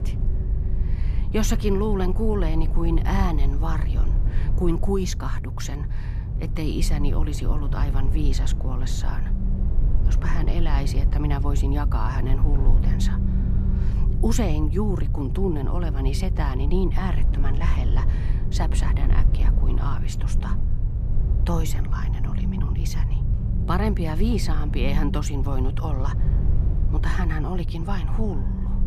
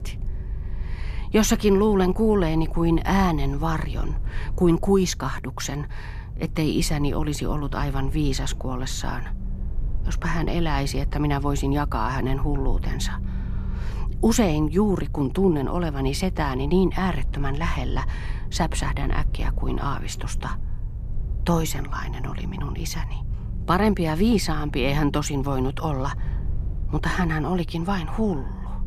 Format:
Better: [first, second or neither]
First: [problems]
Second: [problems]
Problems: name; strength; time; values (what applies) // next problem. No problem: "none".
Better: second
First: low rumble; loud; throughout; 8 dB below the speech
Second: low rumble; faint; throughout; 20 dB below the speech